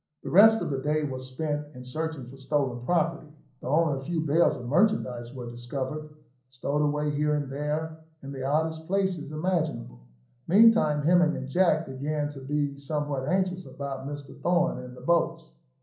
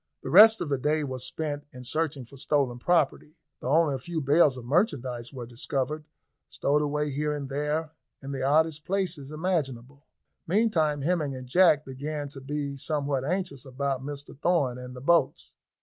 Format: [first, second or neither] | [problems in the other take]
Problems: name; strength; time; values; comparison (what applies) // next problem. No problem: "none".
second | room echo; dies away in 0.6 s